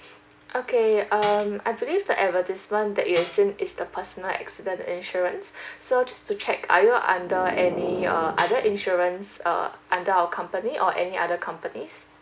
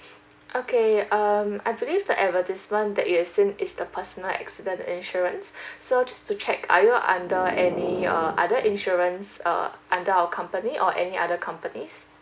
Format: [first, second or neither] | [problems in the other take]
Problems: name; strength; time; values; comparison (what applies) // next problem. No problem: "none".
second | background sound (Tambourine); 17 dB below the speech